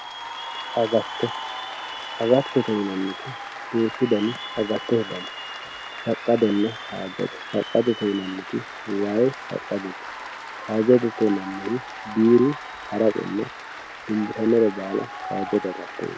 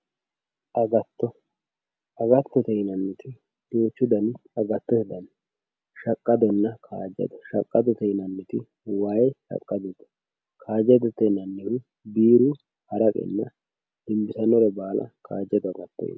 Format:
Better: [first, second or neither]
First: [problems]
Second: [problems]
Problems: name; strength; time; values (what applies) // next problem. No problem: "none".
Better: second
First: background sound (Applause / Cheering); 11 dB below the speech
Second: none